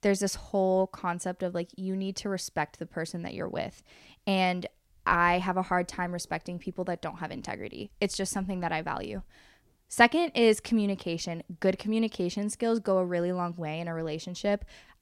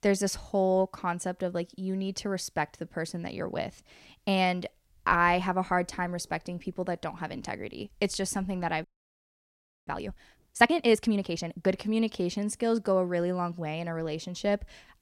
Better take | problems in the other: first | audio freezing; at 9 s for 1 s

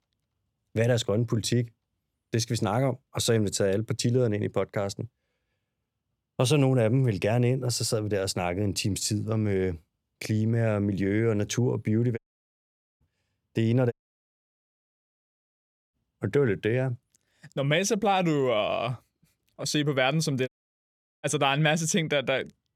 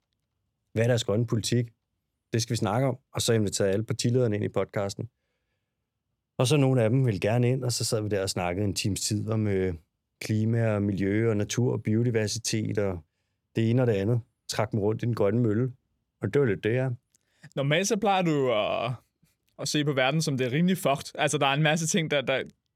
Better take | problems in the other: second | audio cutting out; at 12 s for 1 s, at 14 s for 2 s and at 20 s for 1 s

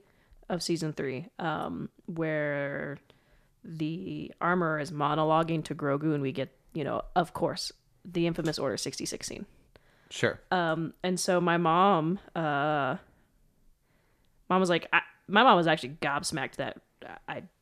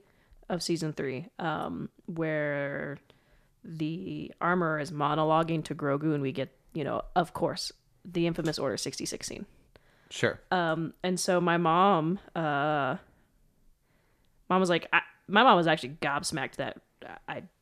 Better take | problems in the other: neither | none

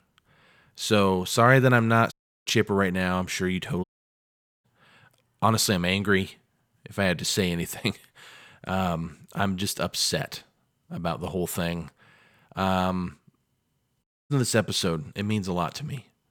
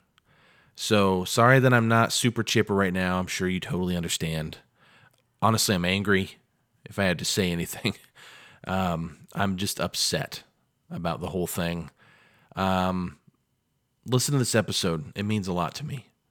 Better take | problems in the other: second | audio cutting out; at 2 s, at 4 s for 1 s and at 14 s

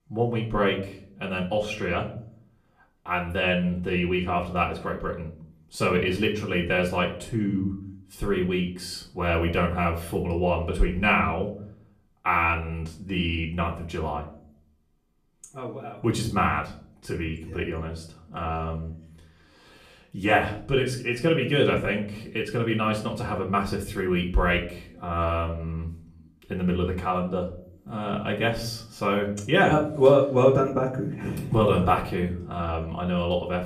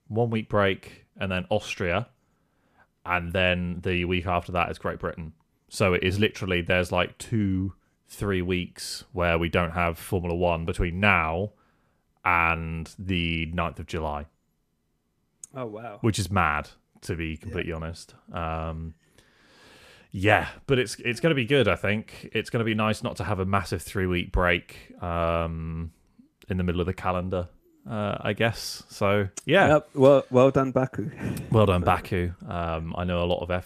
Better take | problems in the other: second | off-mic speech; far // room echo; slight; dies away in 0.5 s

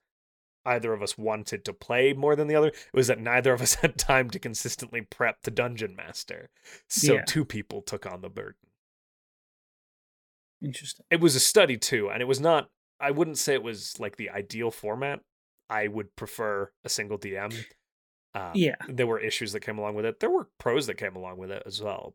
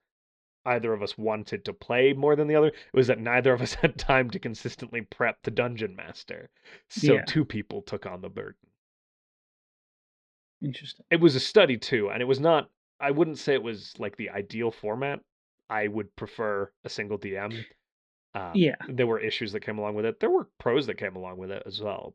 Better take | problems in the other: first | muffled; slightly; fading above 4 kHz

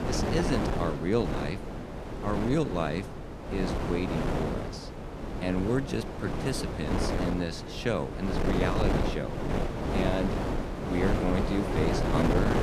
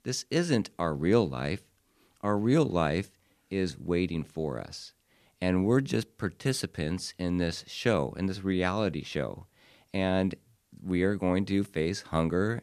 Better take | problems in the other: second | wind noise on the microphone; heavy; as loud as the speech

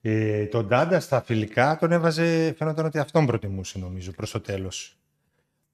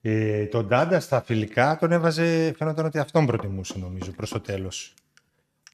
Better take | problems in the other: first | door banging; faint; from 3.5 s on; peak 15 dB below the speech

